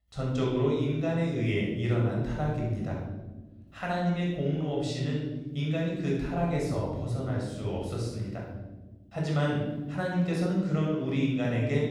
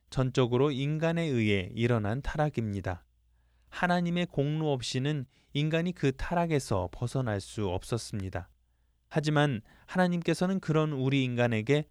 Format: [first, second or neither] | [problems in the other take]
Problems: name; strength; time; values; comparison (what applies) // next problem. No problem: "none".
second | off-mic speech; far // room echo; noticeable; dies away in 1.3 s